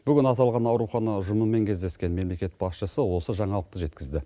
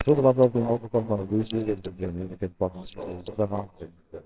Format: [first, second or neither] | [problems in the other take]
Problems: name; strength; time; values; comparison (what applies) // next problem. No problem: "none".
first | noise reduction (neural separator model SepFormer WHAMR!)